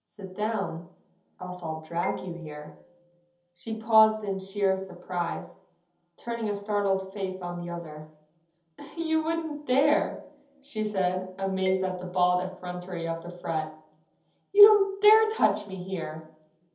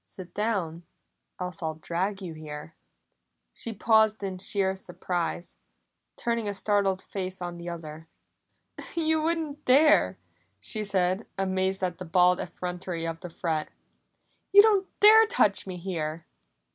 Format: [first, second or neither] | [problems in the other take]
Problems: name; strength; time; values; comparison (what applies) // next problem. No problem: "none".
second | background sound (Marimba, xylophone); 20 dB below the speech // room echo; dies away in 0.7 s